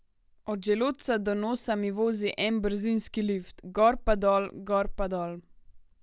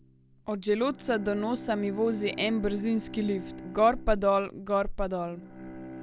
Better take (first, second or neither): first